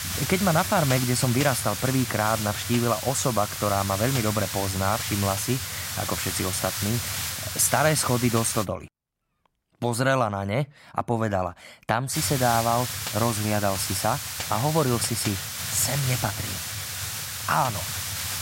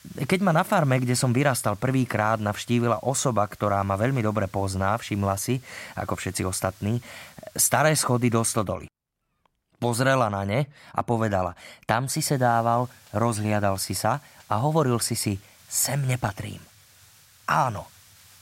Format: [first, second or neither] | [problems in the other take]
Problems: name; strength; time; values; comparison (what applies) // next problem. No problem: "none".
second | hiss; loud; until 8.5 s and from 12 s on; 4 dB below the speech; faint in the second